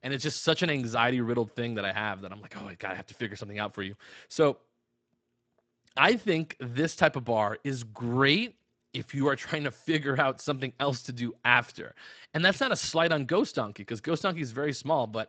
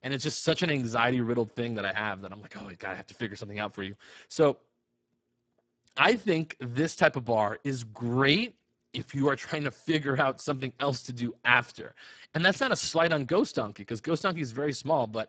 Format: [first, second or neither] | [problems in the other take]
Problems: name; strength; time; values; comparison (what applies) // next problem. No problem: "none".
first | garbled, watery; badly; nothing above 8 kHz; slightly in the first